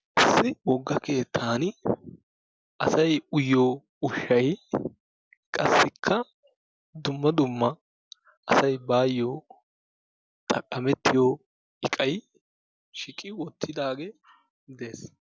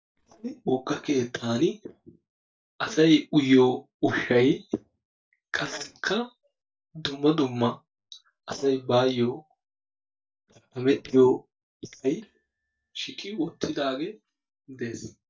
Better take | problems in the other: first | noise reduction (neural mask model DeepFilterNet 3)

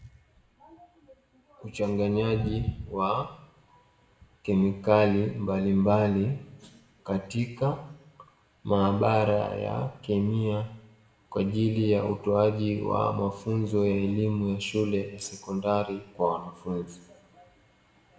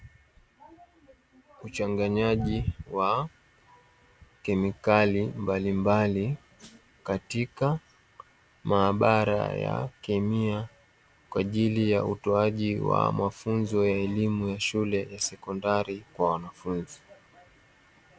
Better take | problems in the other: second | room echo; dies away in 0.8 s

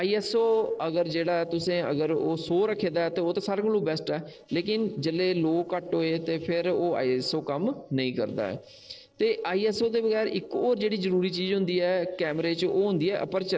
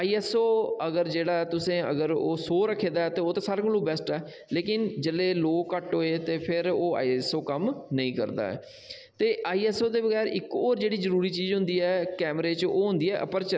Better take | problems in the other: second | noise reduction (neural separator model SepFormer DNS4)

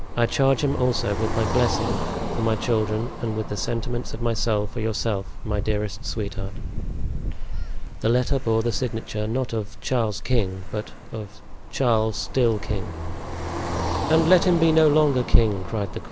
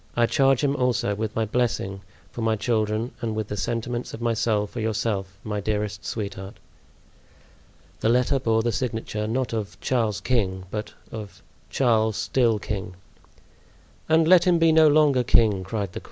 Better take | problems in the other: second | background sound (Car passing by + Ocean); 4 dB below the speech

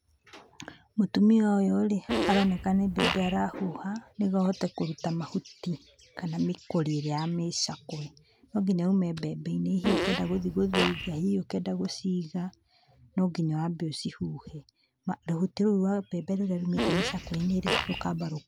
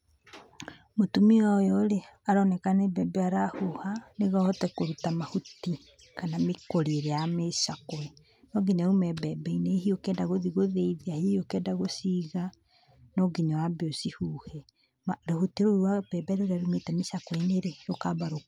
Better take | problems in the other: second | background sound (Fart); 2 dB below the speech

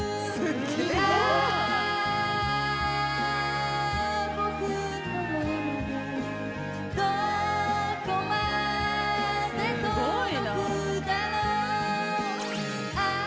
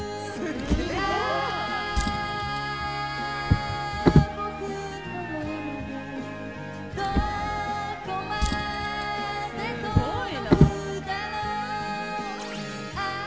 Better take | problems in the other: first | background sound (Drawer open or close); as loud as the speech

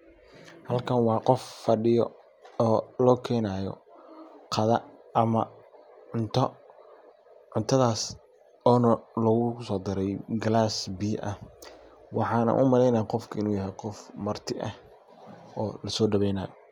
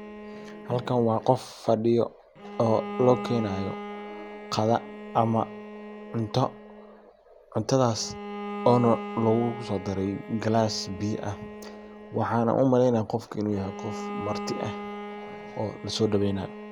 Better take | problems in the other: first | background sound (Bowed string instrument); 11 dB below the speech

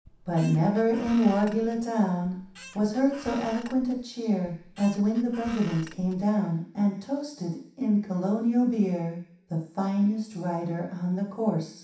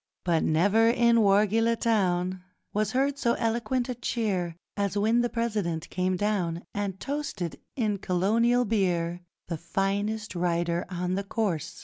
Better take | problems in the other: second | background sound (Squeak); 19 dB below the speech // room echo; dies away in 0.7 s

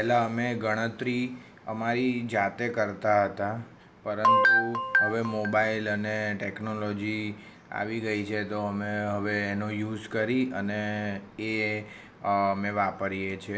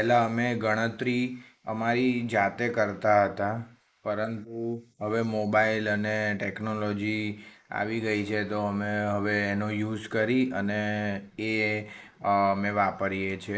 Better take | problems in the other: first | noise reduction (neural mask model Resemble Enhance denoiser)

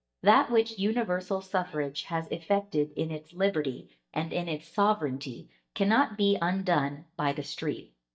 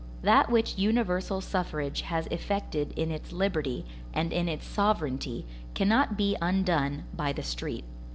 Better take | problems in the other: second | noise reduction (neural mask model DeepFilterNet 3)

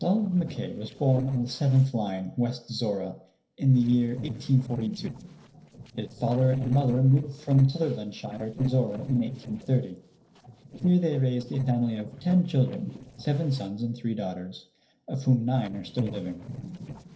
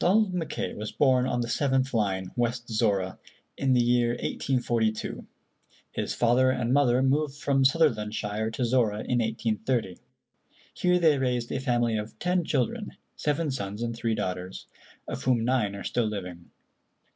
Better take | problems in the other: second | noise reduction (neural separator model SepFormer DNS4)

